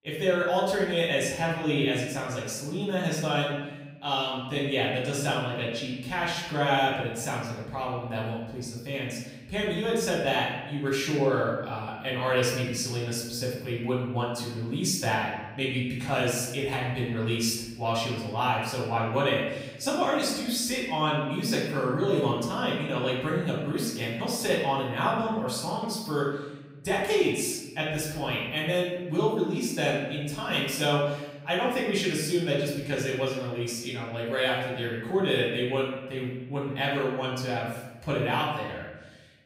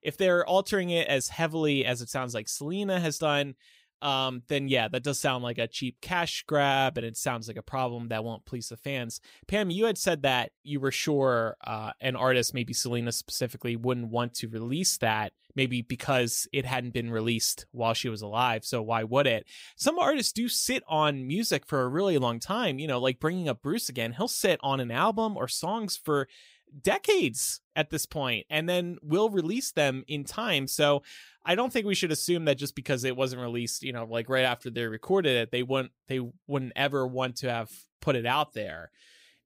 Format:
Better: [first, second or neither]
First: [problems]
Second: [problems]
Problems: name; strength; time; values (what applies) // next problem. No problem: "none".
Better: second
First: off-mic speech; far // room echo; noticeable; dies away in 1 s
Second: none